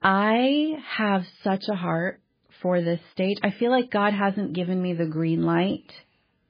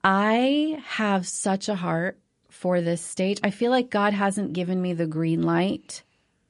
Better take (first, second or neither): second